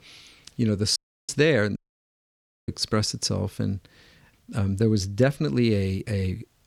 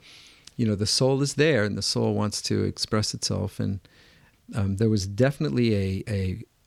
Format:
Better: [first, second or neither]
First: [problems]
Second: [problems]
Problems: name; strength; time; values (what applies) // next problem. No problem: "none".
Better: second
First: audio cutting out; at 1 s and at 2 s for 1 s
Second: none